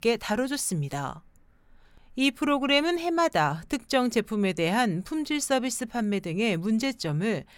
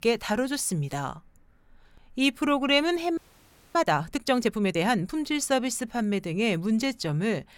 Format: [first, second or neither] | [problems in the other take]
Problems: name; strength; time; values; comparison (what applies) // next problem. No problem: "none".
first | audio freezing; at 3 s for 0.5 s